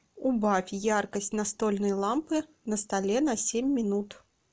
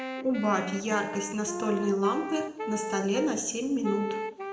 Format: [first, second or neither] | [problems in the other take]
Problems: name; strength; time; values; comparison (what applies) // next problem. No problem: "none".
first | background sound (Wind instrument, woodwind instrument); 7 dB below the speech // room echo; dies away in 0.7 s